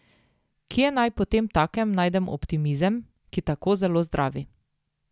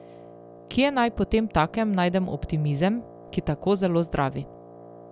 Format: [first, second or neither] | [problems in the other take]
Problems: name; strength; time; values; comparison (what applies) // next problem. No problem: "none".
first | background sound (Wind instrument, woodwind instrument); 19 dB below the speech